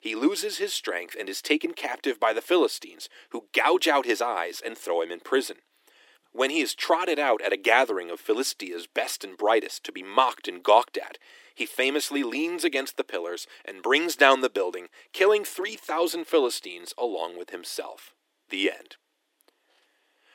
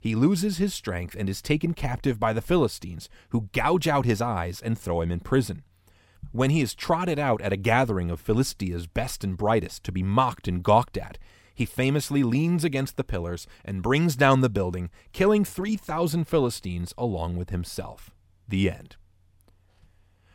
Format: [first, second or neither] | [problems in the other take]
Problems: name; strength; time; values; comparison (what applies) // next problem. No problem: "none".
second | thin; very; fading below 300 Hz